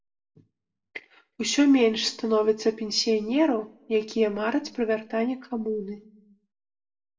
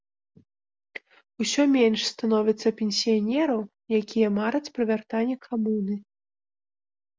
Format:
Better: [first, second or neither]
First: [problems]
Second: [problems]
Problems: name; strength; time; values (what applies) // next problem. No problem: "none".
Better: second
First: room echo; dies away in 0.3 s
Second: none